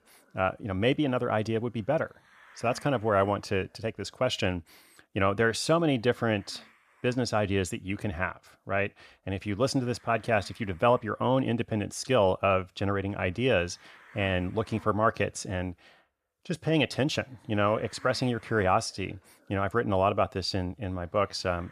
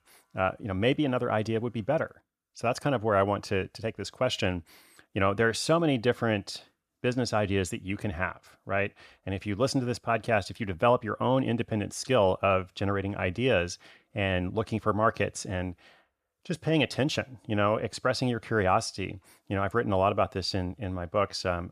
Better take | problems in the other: second | hiss; faint; throughout; 25 dB below the speech

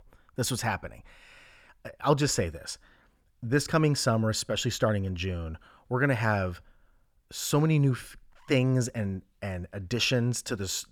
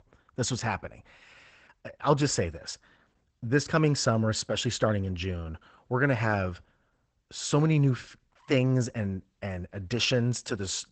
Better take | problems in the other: first | garbled, watery; badly; nothing above 8 kHz

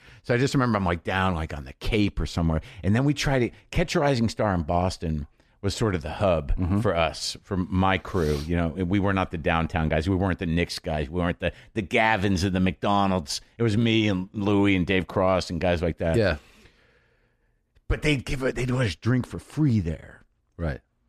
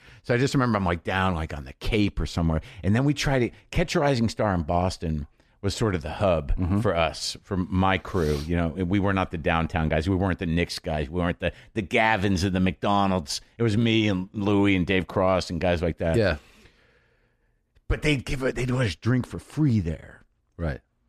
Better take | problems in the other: neither | none

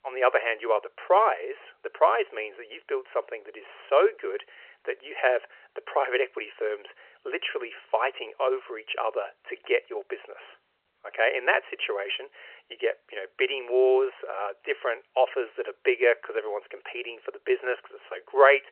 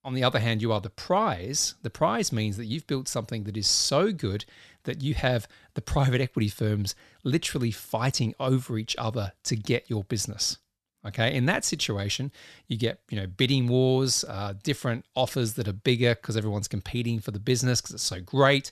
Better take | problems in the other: second | phone-call audio; nothing above 3 kHz

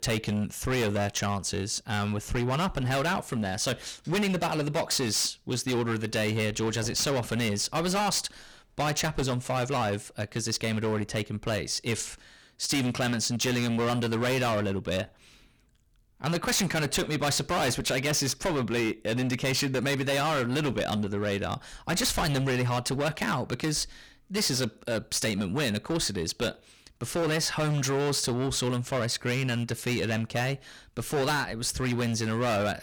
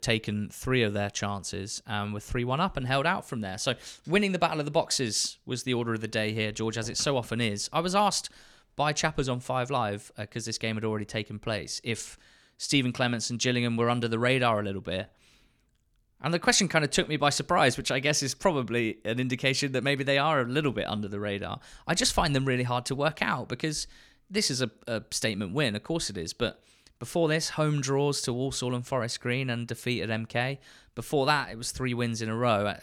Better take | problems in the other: second | distortion; heavy; 20% of the sound clipped

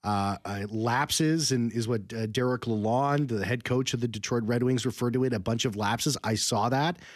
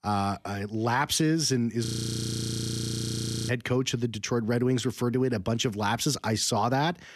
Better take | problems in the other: first | audio freezing; at 2 s for 1.5 s

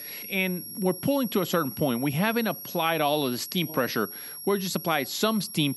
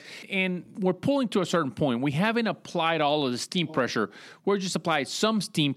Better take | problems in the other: second | high-pitched whine; loud; throughout; 11.5 kHz, 10 dB below the speech

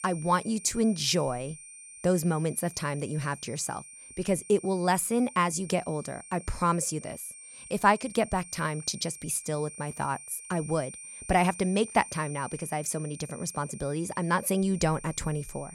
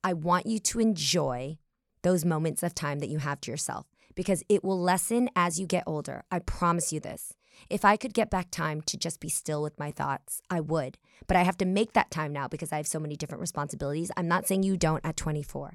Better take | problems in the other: second | high-pitched whine; noticeable; throughout; 9 kHz, 15 dB below the speech

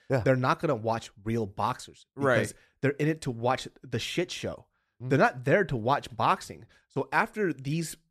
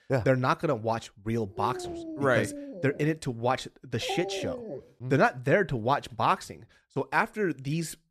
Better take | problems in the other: first | dog barking; noticeable; from 1.5 to 5 s; peak 6 dB below the speech

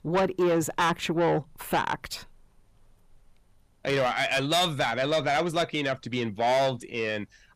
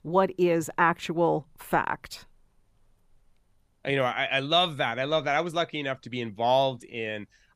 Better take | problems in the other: second | distortion; heavy; 8 dB below the speech

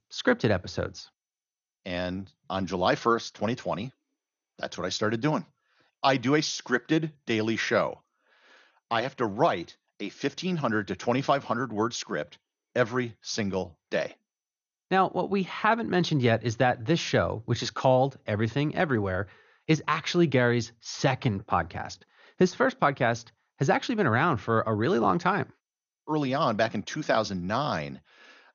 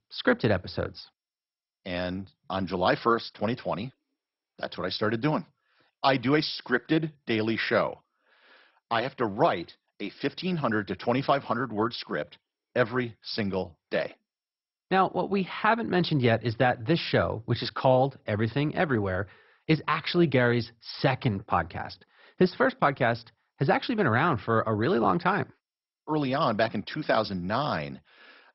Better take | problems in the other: first | garbled, watery; badly; nothing above 5.5 kHz; slightly in the first

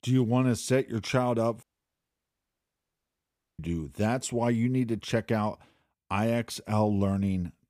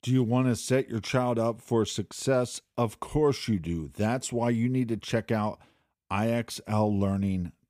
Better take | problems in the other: second | audio cutting out; at 1.5 s for 2 s

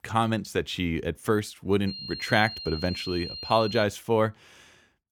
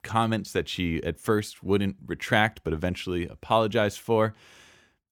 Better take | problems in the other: second | high-pitched whine; loud; from 2 to 4 s; 4 kHz, 9 dB below the speech

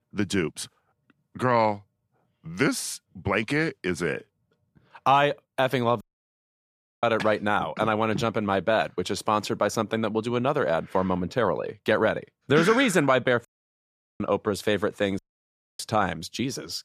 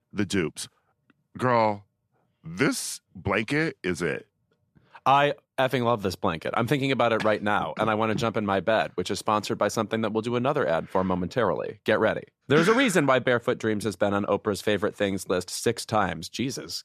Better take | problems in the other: second | audio cutting out; at 6 s for 1 s, at 13 s for 1 s and at 15 s for 0.5 s

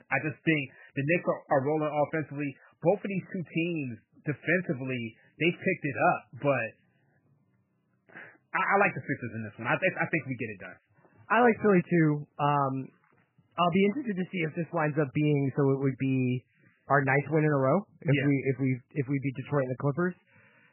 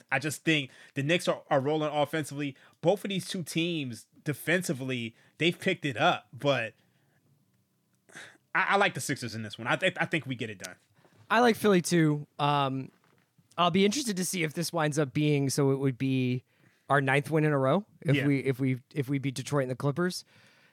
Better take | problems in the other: second | garbled, watery; badly; nothing above 3 kHz

